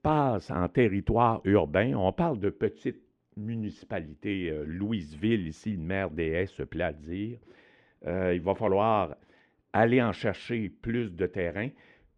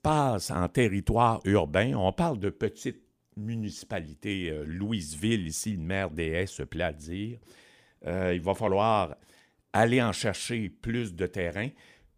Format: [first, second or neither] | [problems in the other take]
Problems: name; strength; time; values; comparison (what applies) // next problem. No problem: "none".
second | muffled; very; fading above 2.5 kHz